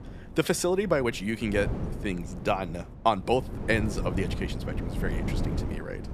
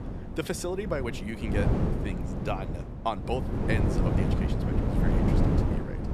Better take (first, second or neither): first